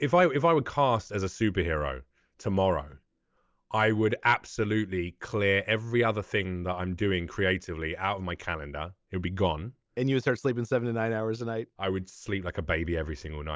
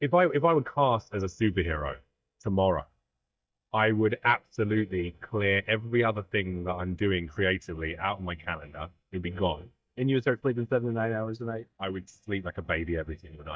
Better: first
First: none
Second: noise reduction (neural mask model DeepFilterNet 3)

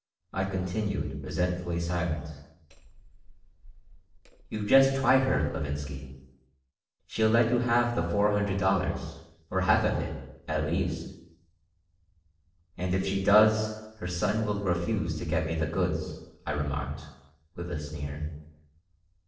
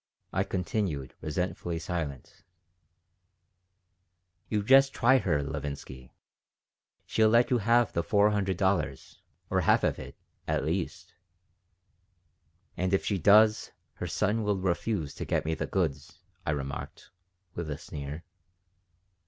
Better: second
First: noise reduction (neural separator model SepFormer DNS4)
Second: none

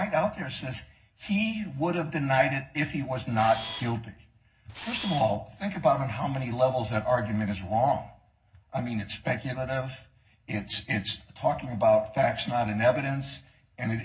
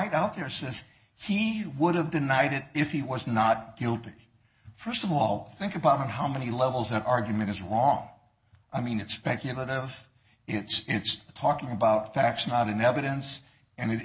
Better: second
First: background sound (Camera); 11 dB below the speech // room echo; dies away in 0.4 s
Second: none

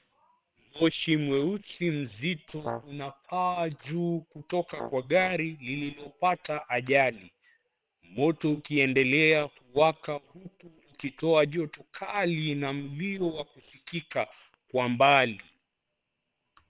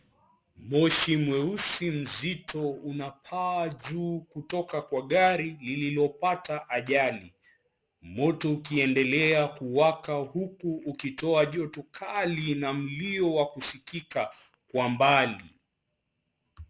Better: second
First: noise reduction (neural separator model SepFormer WHAM!)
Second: none

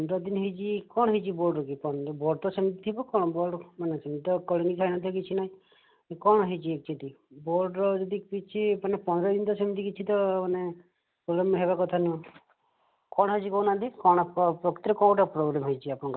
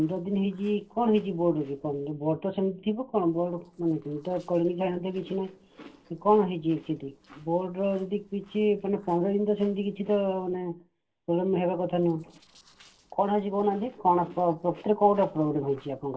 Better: first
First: none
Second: noise reduction (neural separator model SepFormer DNS4)

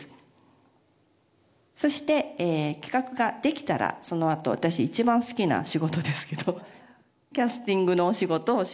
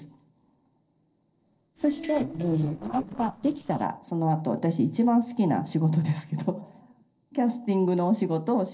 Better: first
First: none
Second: noise reduction (neural separator model SepFormer DNS4)

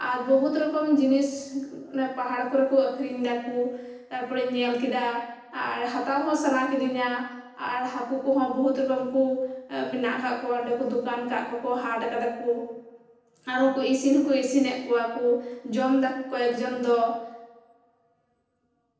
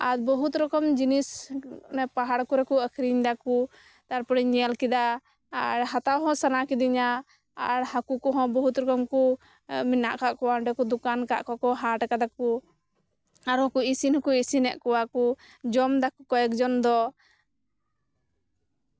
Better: second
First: room echo; dies away in 0.9 s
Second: none

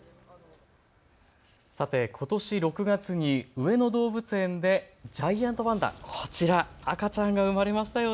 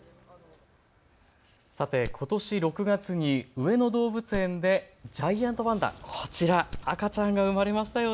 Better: first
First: none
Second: background sound (Wood); 14 dB below the speech

